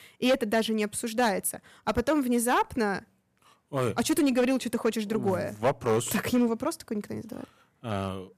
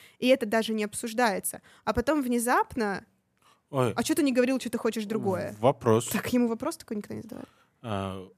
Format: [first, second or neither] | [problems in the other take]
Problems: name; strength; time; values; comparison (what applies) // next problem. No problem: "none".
second | distortion; slight; 4% of the sound clipped